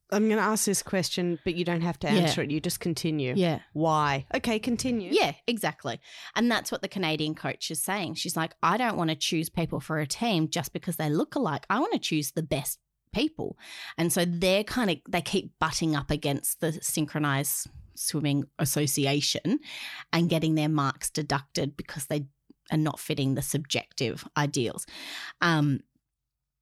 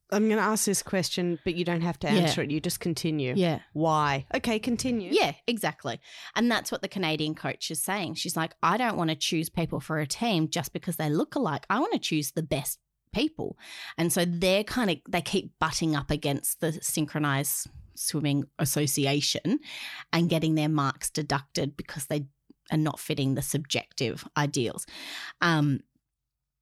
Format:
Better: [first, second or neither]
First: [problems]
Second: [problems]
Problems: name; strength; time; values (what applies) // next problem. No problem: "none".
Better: neither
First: none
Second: none